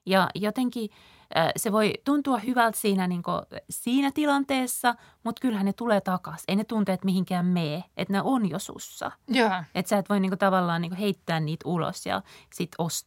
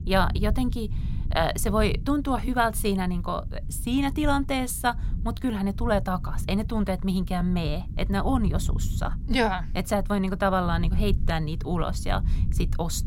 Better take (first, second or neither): first